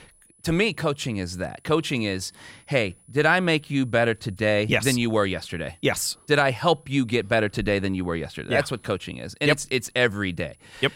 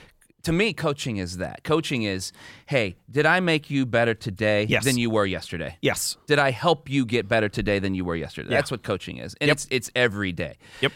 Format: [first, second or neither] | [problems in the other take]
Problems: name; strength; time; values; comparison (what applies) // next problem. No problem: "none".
second | high-pitched whine; faint; throughout; 10 kHz, 30 dB below the speech